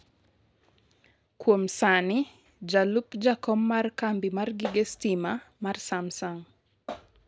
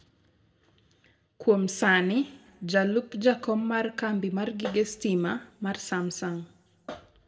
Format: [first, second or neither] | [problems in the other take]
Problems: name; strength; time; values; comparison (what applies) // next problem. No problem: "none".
first | room echo; dies away in 0.6 s